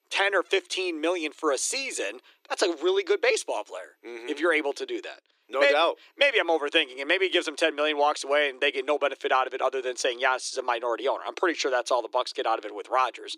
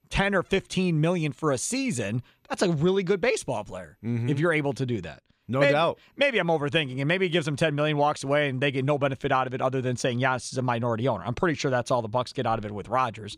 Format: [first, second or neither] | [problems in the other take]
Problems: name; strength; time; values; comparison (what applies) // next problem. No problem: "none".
second | thin; very; fading below 300 Hz